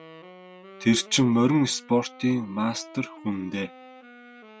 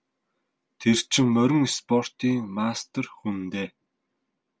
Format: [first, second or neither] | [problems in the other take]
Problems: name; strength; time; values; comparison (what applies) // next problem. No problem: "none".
second | background sound (Wind instrument, woodwind instrument); 20 dB below the speech